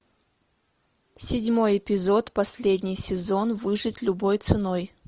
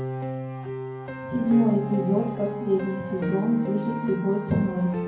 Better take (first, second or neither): first